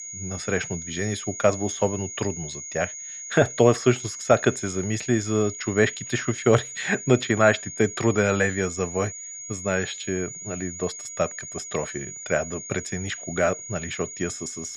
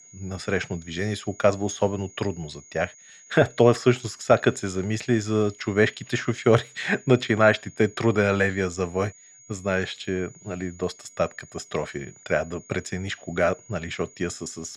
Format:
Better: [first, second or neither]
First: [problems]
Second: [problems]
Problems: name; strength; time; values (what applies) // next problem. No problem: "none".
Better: second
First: high-pitched whine; loud; throughout; 6.5 kHz, 9 dB below the speech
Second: high-pitched whine; faint; throughout; 6.5 kHz, 25 dB below the speech